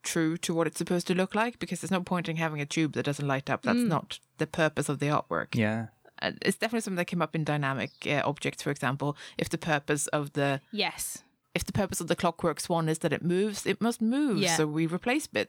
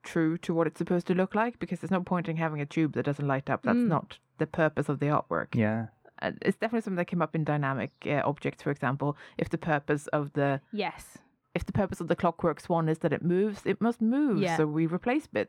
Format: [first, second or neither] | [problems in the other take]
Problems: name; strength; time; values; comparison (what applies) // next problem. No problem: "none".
first | muffled; very; fading above 3 kHz